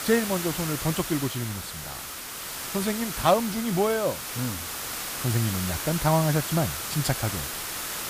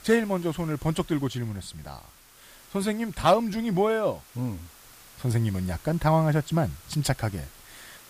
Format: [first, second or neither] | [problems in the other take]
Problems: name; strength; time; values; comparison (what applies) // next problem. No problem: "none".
second | hiss; loud; throughout; 4 dB below the speech; faint in the second